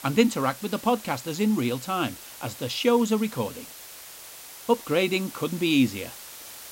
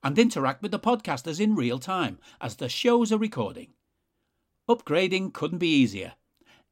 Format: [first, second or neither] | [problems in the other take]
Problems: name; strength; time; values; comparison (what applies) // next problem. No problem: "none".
second | hiss; noticeable; throughout; 15 dB below the speech